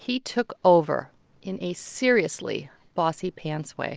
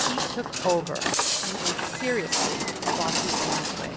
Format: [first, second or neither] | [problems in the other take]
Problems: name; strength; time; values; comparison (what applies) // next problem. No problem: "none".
first | background sound (Walk, footsteps); 4 dB above the speech